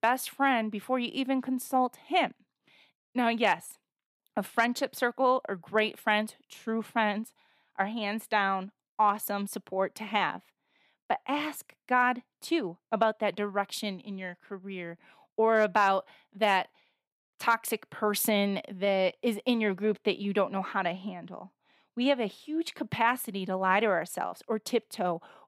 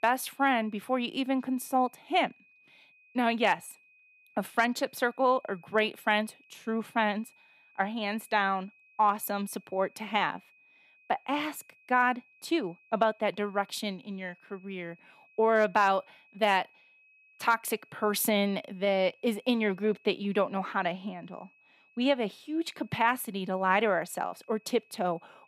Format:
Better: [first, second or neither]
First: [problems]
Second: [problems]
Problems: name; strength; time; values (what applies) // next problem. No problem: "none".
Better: first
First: none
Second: high-pitched whine; faint; throughout; 2.5 kHz, 30 dB below the speech